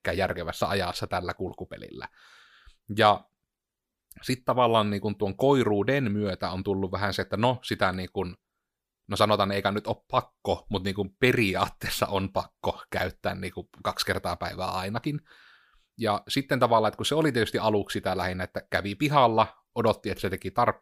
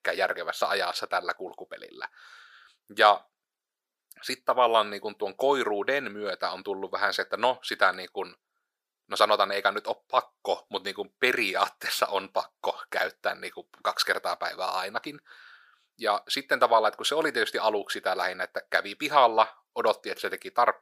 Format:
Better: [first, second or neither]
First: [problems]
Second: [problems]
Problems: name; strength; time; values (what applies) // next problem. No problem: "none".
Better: first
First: none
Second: thin; very; fading below 550 Hz